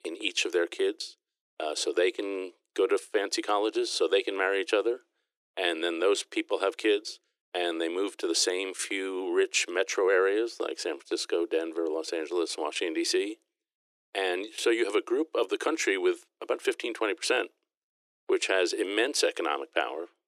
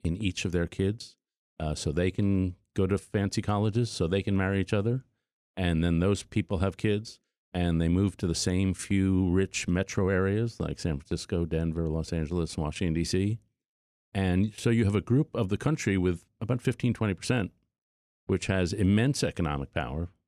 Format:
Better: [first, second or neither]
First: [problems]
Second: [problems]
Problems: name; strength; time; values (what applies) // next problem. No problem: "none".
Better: second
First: thin; very; fading below 350 Hz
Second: none